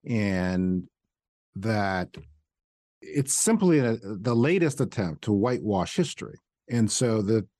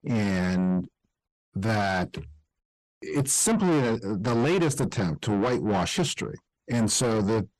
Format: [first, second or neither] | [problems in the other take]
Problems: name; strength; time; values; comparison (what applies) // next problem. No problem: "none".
first | distortion; heavy; 7 dB below the speech